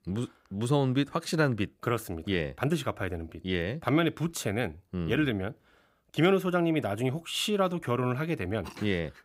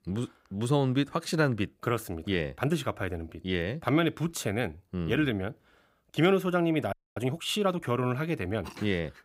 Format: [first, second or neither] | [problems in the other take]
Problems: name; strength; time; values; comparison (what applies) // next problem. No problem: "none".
first | audio freezing; at 7 s